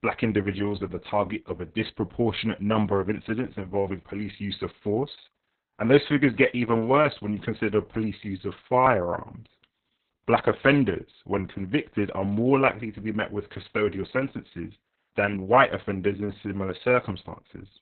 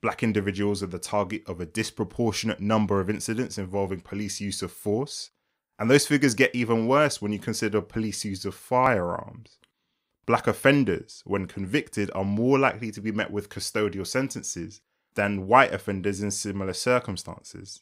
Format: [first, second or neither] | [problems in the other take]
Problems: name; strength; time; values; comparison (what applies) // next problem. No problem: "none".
second | garbled, watery; badly; nothing above 4 kHz